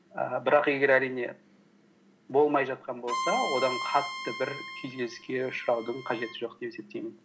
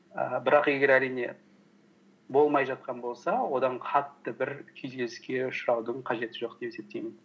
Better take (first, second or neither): second